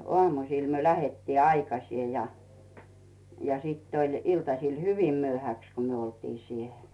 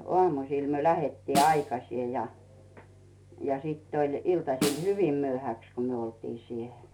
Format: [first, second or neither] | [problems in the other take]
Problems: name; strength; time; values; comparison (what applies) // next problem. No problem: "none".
first | background sound (Snare drum); 10 dB below the speech